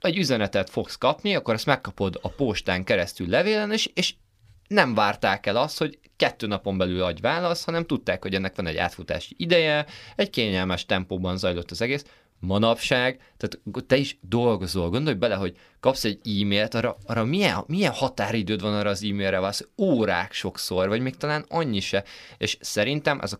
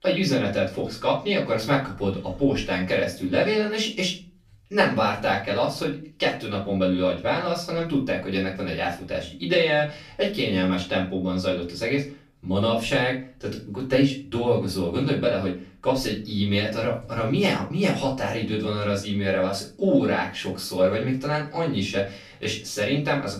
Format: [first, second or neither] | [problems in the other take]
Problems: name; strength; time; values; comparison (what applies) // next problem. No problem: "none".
first | off-mic speech; far // room echo; slight; dies away in 0.3 s